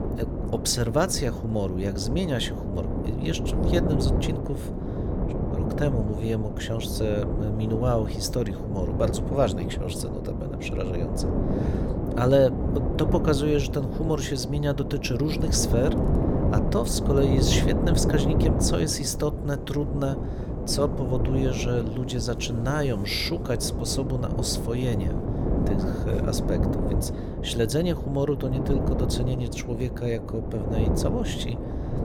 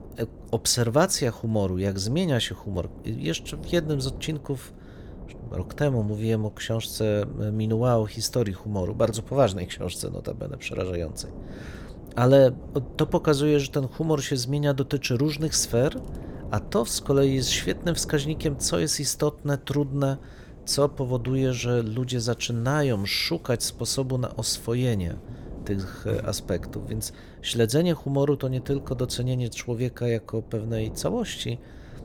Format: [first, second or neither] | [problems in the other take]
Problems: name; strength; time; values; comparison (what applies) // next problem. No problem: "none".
second | wind noise on the microphone; heavy; 4 dB below the speech; occasional gusts in the second